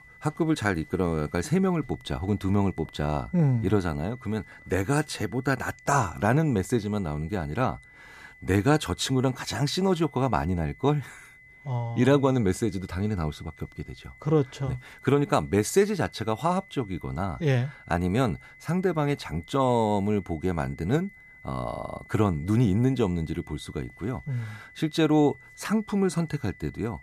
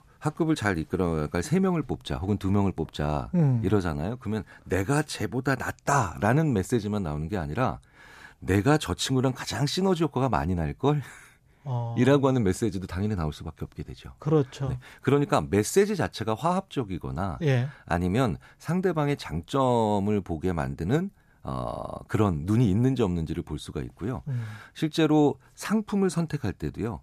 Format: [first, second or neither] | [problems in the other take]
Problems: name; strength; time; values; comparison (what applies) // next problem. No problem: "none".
second | high-pitched whine; faint; throughout; 2 kHz, 25 dB below the speech